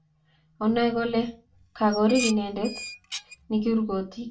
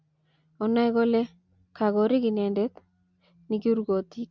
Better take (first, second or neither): second